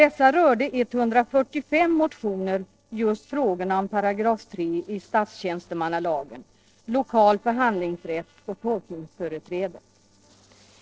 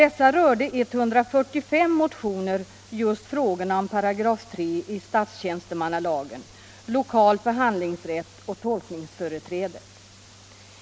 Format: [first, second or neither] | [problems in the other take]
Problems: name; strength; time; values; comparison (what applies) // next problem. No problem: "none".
second | noise reduction (neural separator model SepFormer DNS4)